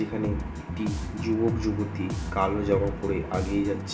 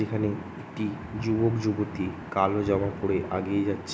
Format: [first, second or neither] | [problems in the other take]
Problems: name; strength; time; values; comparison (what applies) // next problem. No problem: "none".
second | background sound (Bass guitar); 5 dB below the speech // room echo; dies away in 0.3 s